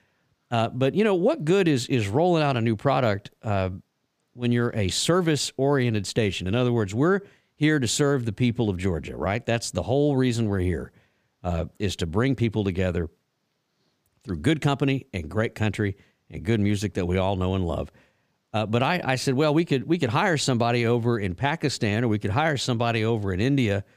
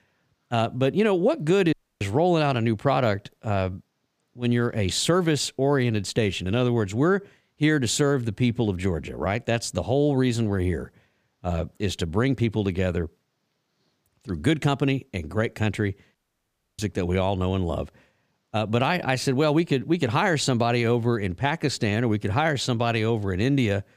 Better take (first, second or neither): first